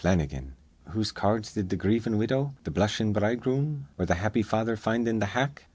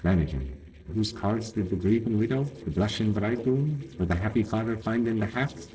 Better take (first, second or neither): first